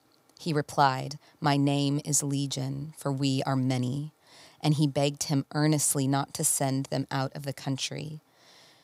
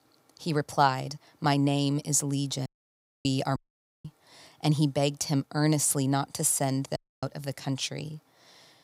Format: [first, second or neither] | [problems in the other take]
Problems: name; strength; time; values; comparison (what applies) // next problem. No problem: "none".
first | audio cutting out; at 2.5 s for 0.5 s, at 3.5 s and at 7 s